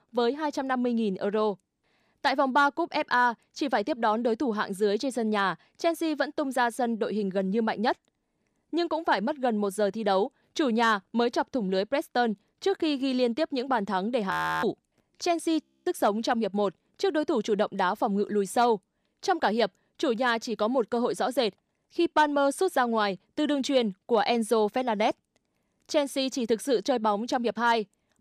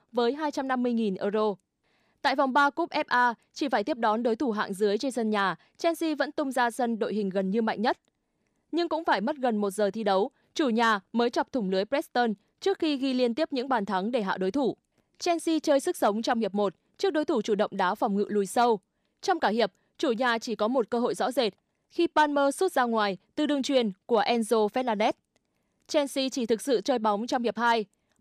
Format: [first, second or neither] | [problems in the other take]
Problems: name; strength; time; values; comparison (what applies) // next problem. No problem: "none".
second | audio freezing; at 14 s and at 16 s